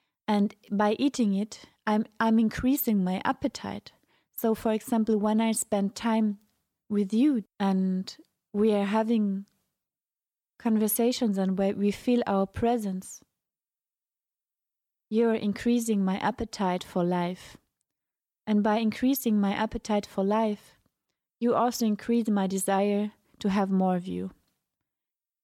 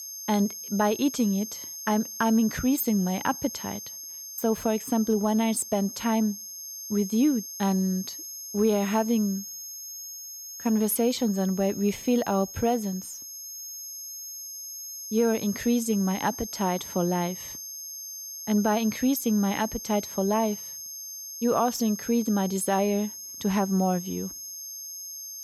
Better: first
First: none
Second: high-pitched whine; loud; throughout; 6.5 kHz, 10 dB below the speech

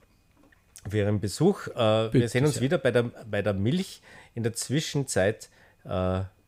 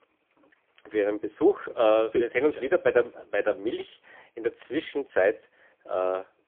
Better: first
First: none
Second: phone-call audio; poor line; nothing above 3.5 kHz

